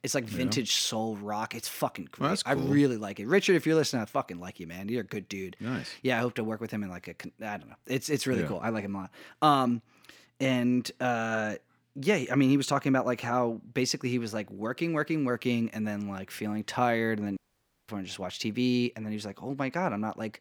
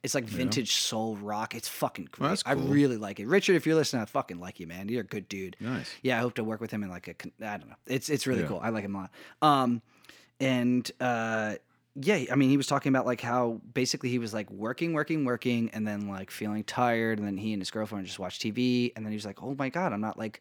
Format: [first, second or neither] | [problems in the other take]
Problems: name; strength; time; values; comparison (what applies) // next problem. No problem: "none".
second | audio cutting out; at 17 s for 0.5 s